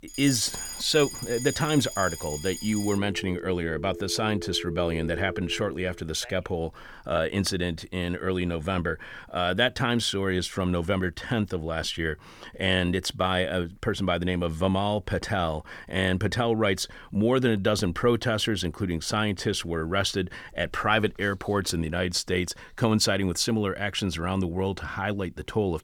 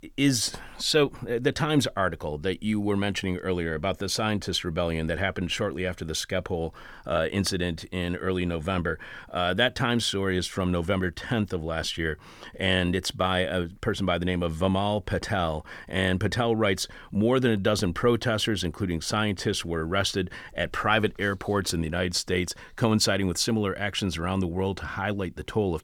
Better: second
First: alarms or sirens; loud; until 5.5 s; 9 dB below the speech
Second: none

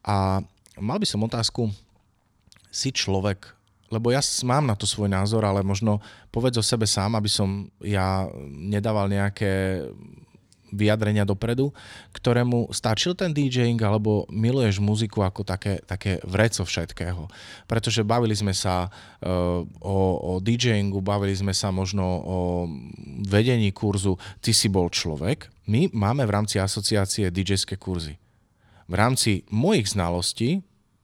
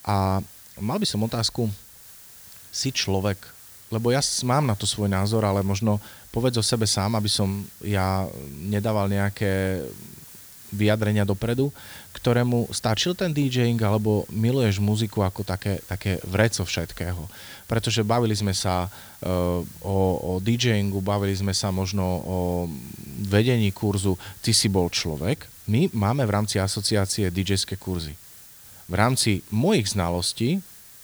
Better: first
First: none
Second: hiss; noticeable; throughout; 20 dB below the speech

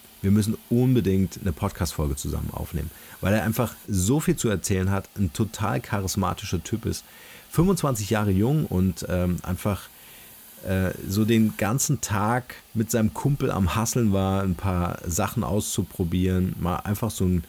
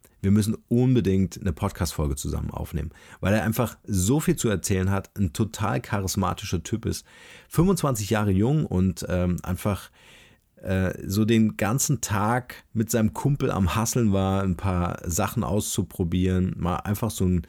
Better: second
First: hiss; faint; throughout; 20 dB below the speech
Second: none

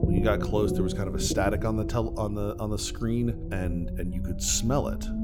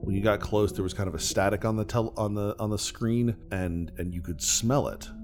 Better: second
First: low rumble; loud; throughout; 8 dB below the speech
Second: low rumble; faint; throughout; 20 dB below the speech

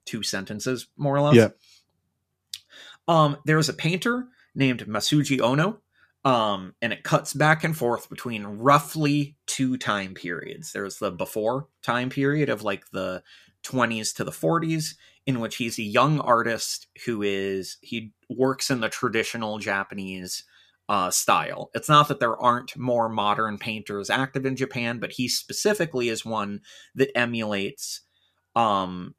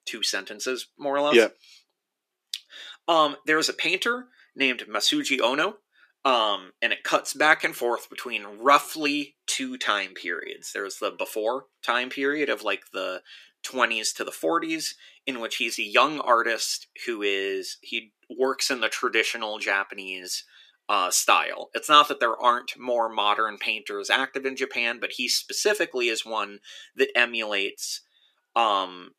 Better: first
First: none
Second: thin; somewhat; fading below 350 Hz

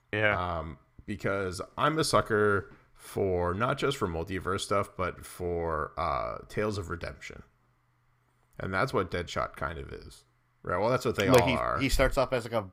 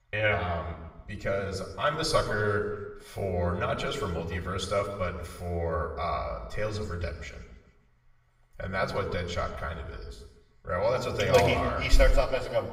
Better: first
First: none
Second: room echo; noticeable; dies away in 0.9 s // off-mic speech; far

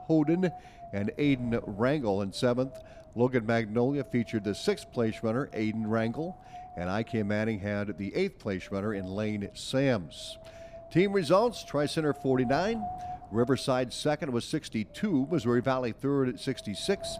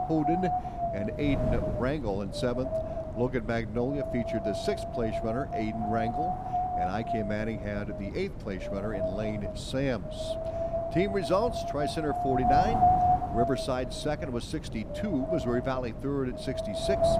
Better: first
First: wind noise on the microphone; occasional gusts; 15 dB below the speech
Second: wind noise on the microphone; heavy; 4 dB above the speech

